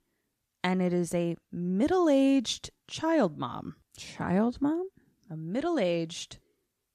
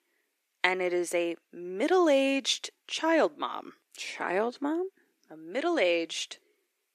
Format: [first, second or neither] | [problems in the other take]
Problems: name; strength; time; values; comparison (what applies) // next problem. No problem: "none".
first | thin; somewhat; fading below 350 Hz